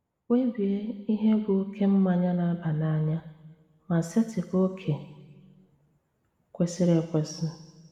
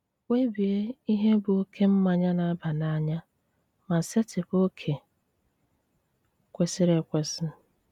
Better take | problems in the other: second | room echo; dies away in 1.2 s

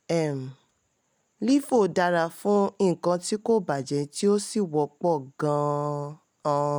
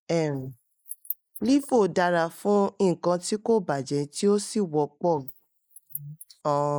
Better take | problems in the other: first | noise reduction (neural mask model Resemble Enhance denoiser)

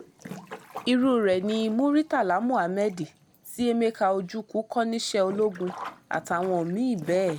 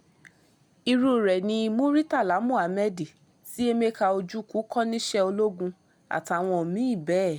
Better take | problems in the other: second | background sound (Sink (filling or washing)); 19 dB below the speech

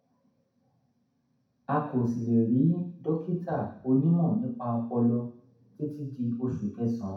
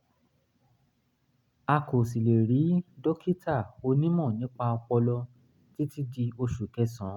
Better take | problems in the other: second | room echo; dies away in 0.6 s

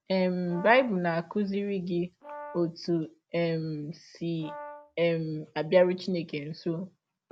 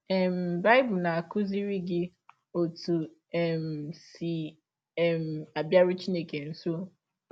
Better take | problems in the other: second | background sound (Brass instrument); 16 dB below the speech

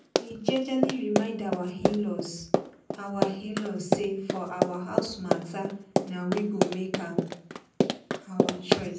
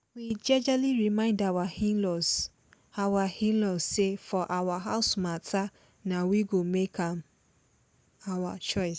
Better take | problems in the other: second | background sound (Run); 3 dB above the speech // room echo; dies away in 0.6 s

